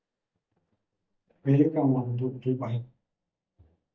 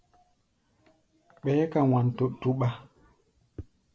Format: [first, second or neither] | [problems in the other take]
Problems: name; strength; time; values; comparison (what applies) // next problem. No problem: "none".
second | noise reduction (neural mask model DeepFilterNet 3)